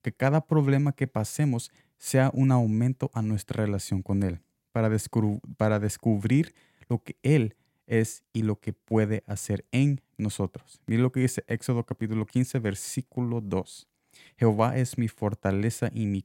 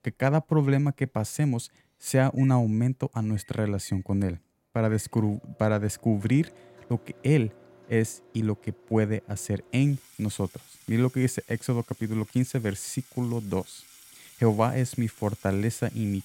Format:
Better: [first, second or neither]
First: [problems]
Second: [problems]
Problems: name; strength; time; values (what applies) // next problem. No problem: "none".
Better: first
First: none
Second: household noises; faint; throughout; 25 dB below the speech